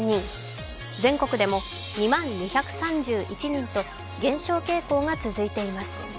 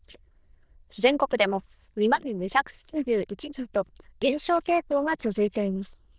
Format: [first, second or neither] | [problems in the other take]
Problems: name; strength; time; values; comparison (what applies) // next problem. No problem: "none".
first | noise reduction (neural diffusion model UNIVERSE++)